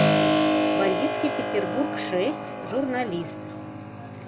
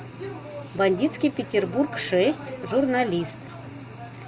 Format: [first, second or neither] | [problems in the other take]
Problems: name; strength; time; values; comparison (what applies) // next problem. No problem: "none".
second | background sound (Keyboard (musical)); 4 dB above the speech